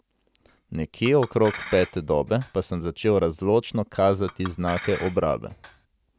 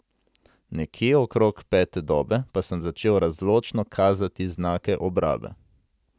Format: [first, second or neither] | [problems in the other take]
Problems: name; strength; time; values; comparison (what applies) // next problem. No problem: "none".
second | background sound (Chink, clink); 16 dB below the speech